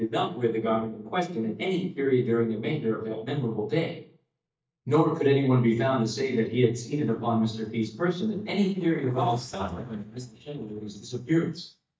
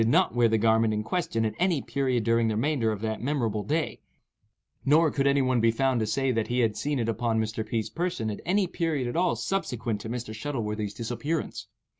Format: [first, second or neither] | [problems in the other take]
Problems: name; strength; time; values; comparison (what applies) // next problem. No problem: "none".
second | noise reduction (neural mask model DeepFilterNet 3)